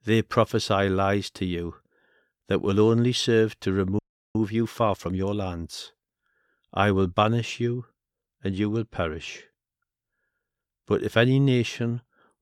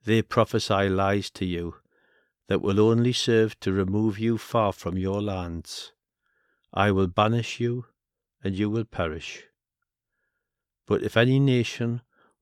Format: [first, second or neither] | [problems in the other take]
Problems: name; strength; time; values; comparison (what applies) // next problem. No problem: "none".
second | audio freezing; at 4 s